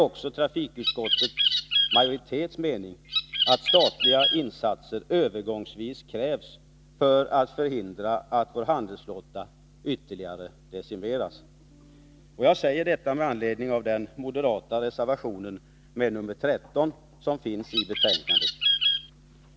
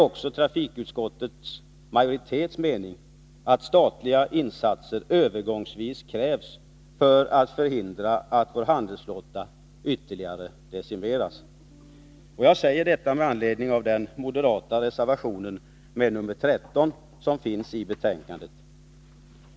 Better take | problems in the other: second | background sound (Bird); 3 dB above the speech

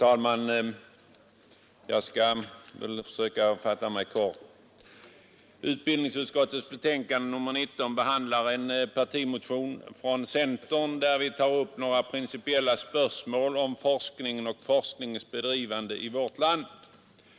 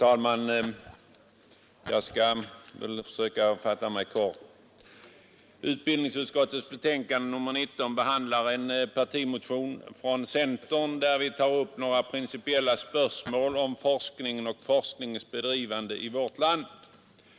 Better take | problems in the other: first | background sound (Glass); 16 dB below the speech

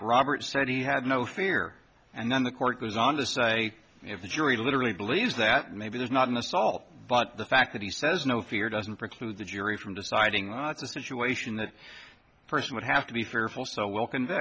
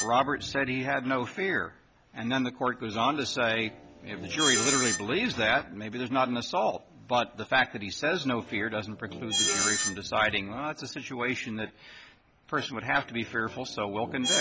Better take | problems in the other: first | background sound (Screech); 6 dB below the speech

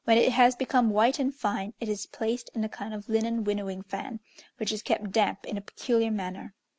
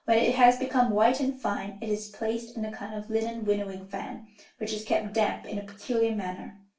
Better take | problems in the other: first | room echo; dies away in 0.3 s

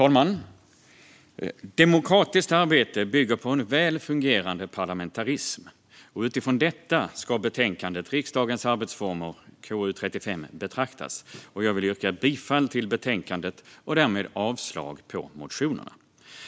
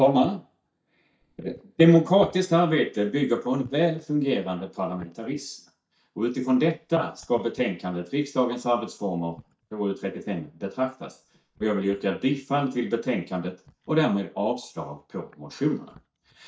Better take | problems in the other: first | noise reduction (neural mask model DeepFilterNet 3)

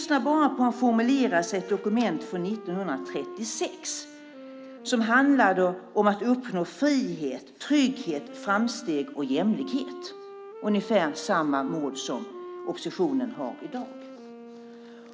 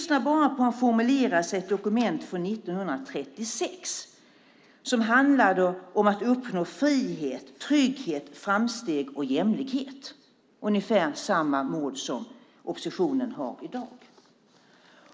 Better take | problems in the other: second | background sound (Wind instrument, woodwind instrument); 16 dB below the speech

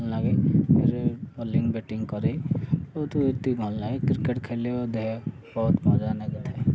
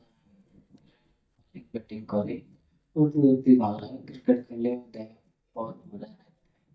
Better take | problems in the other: first | noise reduction (neural mask model DeepFilterNet 3)

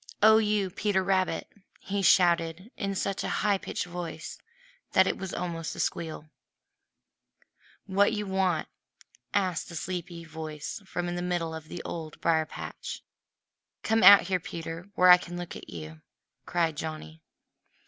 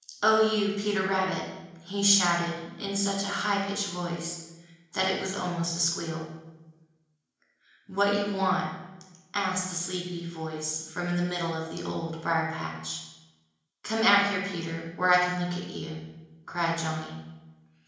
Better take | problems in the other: first | room echo; dies away in 1 s

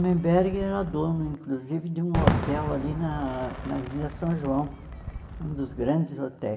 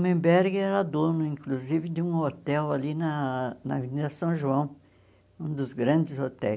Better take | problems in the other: second | background sound (Fireworks); 5 dB below the speech // room echo; dies away in 2.7 s

